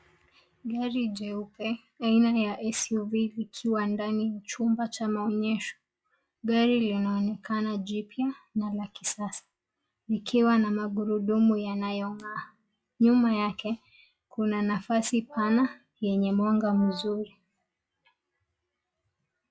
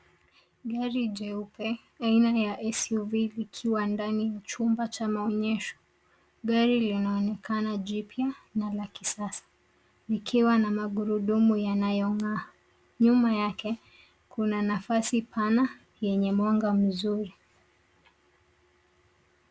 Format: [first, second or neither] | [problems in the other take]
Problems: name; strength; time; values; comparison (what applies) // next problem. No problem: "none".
second | noise reduction (classical method log-MMSE)